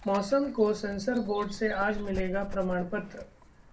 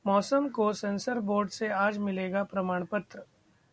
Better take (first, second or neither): second